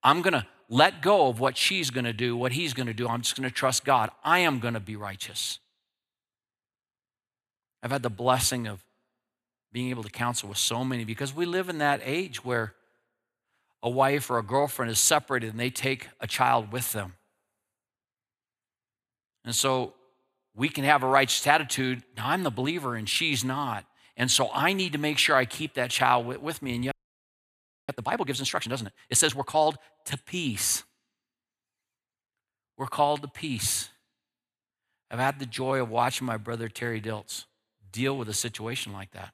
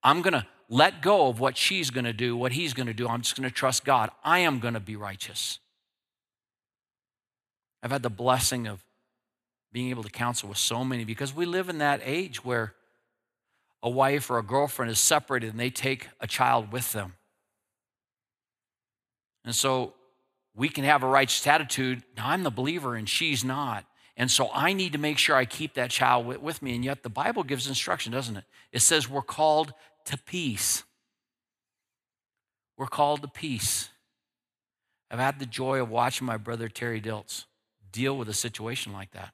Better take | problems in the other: second | audio freezing; at 27 s for 1 s

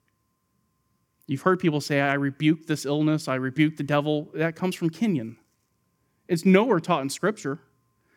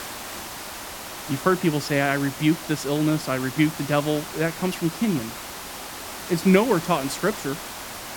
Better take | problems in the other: first | hiss; loud; throughout; 10 dB below the speech

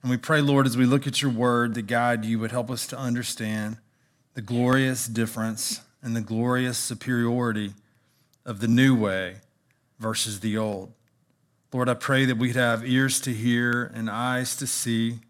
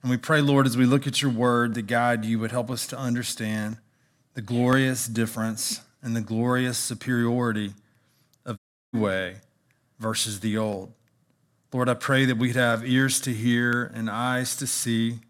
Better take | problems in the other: first | audio cutting out; at 8.5 s

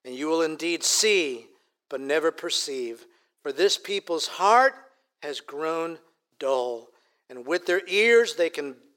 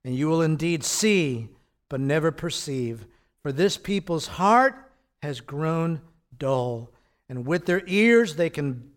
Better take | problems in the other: second | thin; very; fading below 350 Hz

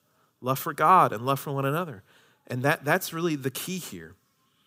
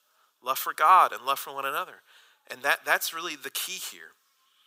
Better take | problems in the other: first | thin; very; fading below 850 Hz

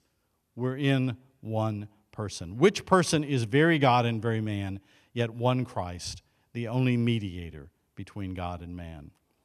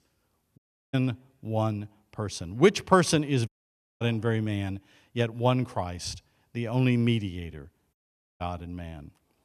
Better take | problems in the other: first | audio cutting out; at 0.5 s, at 3.5 s for 0.5 s and at 8 s

